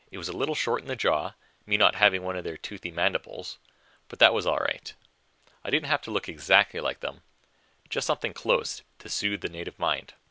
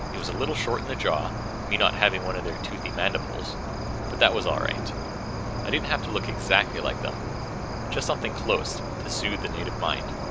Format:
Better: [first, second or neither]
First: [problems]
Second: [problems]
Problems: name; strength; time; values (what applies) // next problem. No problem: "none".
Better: first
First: none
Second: background sound (Cricket); 2 dB below the speech